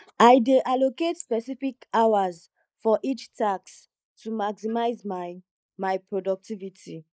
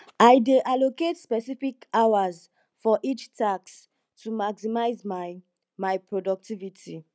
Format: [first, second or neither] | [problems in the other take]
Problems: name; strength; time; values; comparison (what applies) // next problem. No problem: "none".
second | noise reduction (neural mask model Resemble Enhance denoiser)